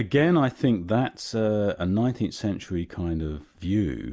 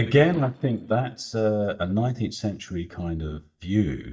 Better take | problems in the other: first | noise reduction (neural mask model DeepFilterNet 3)

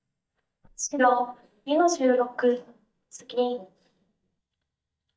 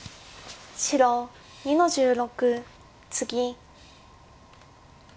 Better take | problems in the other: second | noise reduction (neural mask model DeepFilterNet 3)

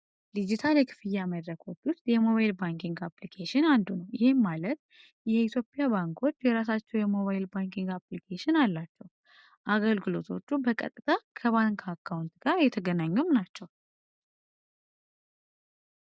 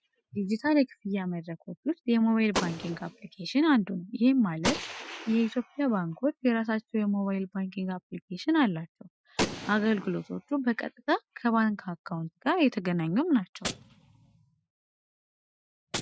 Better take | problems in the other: first | noise reduction (classical method Wiener filter)

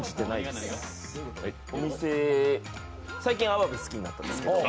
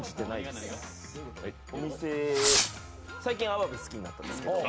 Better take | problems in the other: first | background sound (Fireworks); 3 dB above the speech

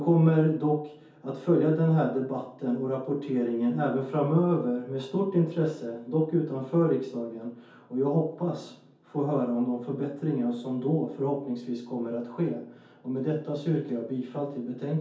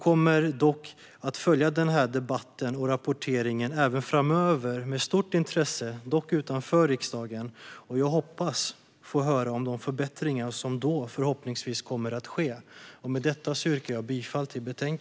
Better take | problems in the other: second | room echo; dies away in 0.6 s

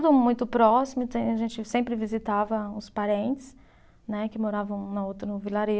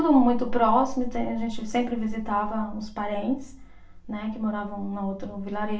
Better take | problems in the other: first | room echo; dies away in 0.4 s

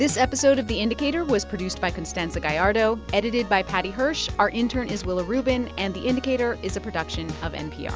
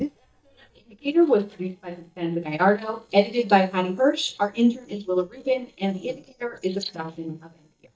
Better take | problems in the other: first | noise reduction (neural mask model DeepFilterNet 3)

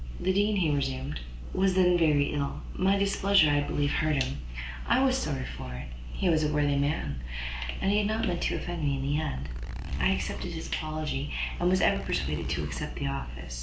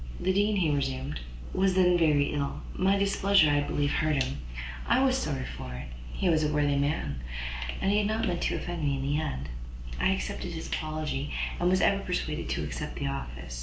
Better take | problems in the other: second | background sound (Zipper (clothing)); 11 dB below the speech

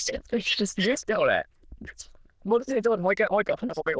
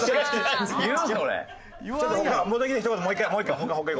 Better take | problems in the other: second | noise reduction (neural diffusion model UNIVERSE++)

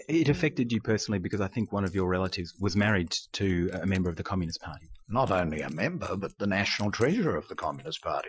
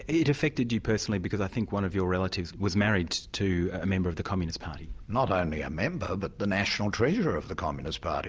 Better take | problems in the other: second | noise reduction (classical method Wiener filter)

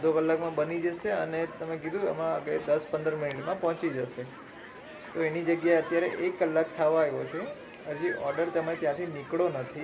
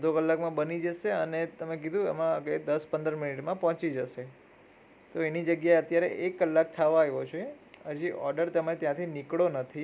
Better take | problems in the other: second | background sound (Human group actions); 15 dB below the speech // room echo; dies away in 1.3 s

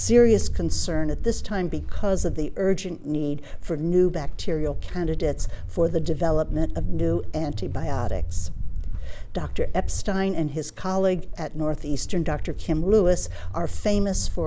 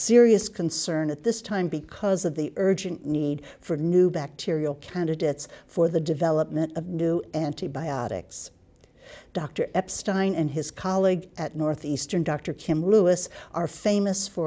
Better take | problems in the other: second | background sound (Walk, footsteps); as loud as the speech

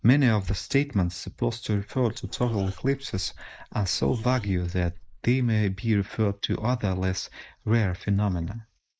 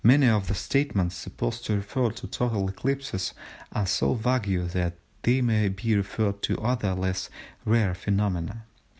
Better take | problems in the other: second | noise reduction (neural mask model Resemble Enhance denoiser)

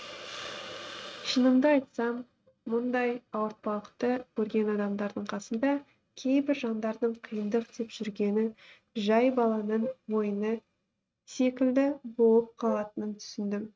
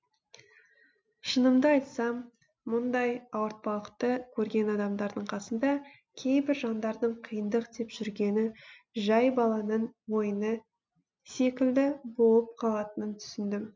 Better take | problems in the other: second | noise reduction (neural mask model RNNoise)

